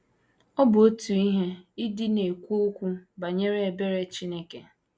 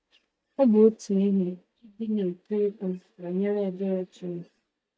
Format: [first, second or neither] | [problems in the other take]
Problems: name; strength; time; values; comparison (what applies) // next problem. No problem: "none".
first | noise reduction (neural mask model DeepFilterNet 3)